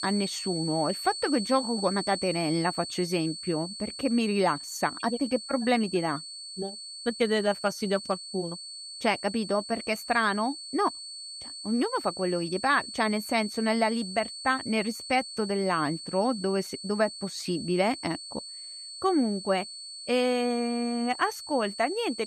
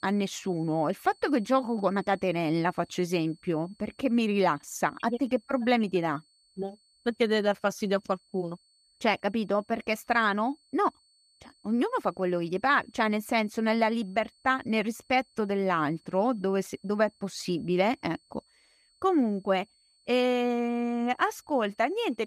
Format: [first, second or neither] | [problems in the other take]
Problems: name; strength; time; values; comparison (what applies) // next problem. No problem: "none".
second | high-pitched whine; loud; throughout; 4.5 kHz, 9 dB below the speech; faint in the second